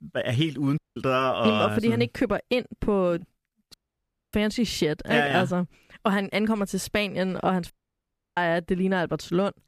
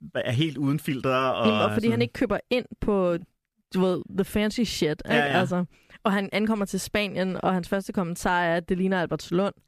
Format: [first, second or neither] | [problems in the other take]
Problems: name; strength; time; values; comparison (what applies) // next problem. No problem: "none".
second | audio cutting out; at 1 s, at 3.5 s for 0.5 s and at 7.5 s for 0.5 s